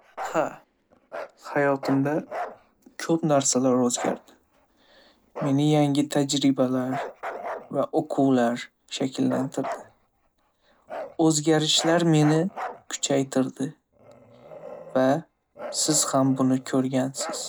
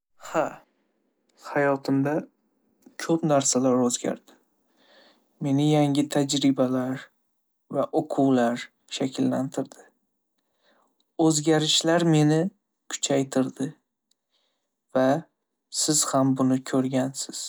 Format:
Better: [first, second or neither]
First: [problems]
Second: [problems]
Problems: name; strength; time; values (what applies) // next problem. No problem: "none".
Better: second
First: background sound (Bark); 14 dB below the speech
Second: none